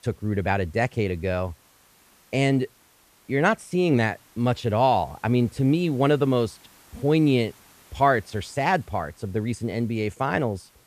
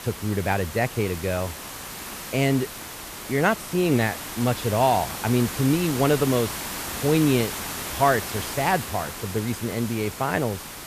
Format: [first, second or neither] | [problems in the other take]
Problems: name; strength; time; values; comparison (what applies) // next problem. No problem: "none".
first | hiss; loud; throughout; 8 dB below the speech; faint in the first